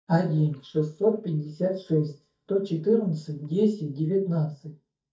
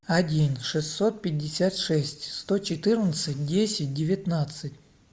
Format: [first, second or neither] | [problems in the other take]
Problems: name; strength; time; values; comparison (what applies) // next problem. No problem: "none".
second | noise reduction (neural mask model DeepFilterNet 3)